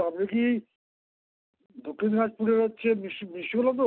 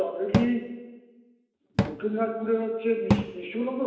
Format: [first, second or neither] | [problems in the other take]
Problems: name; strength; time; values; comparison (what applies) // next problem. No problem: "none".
first | background sound (Cupboard open or close / Drawer open or close); 2 dB below the speech // room echo; dies away in 1 s